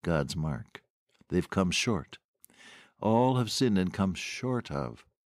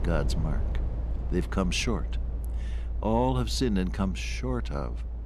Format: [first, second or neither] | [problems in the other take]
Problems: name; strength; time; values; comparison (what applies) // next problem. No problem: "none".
first | low rumble; noticeable; throughout; 15 dB below the speech